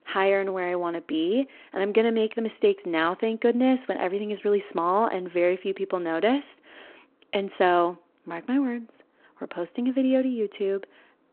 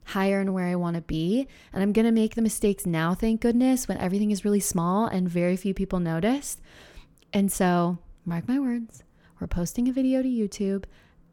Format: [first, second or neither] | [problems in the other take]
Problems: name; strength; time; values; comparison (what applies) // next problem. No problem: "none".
second | phone-call audio